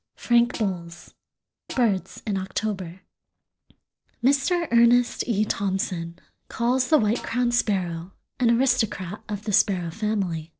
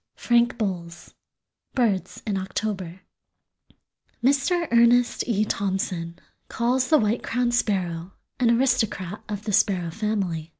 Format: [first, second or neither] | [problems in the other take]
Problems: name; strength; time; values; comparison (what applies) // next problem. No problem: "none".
second | noise reduction (neural separator model SepFormer DNS4)